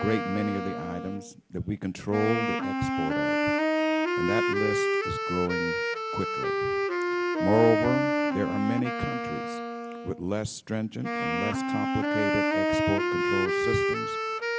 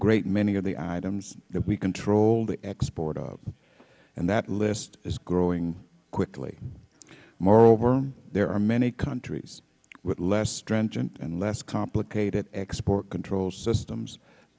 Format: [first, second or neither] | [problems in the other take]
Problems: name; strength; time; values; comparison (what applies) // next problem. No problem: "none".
second | background sound (Wind instrument, woodwind instrument); 3 dB above the speech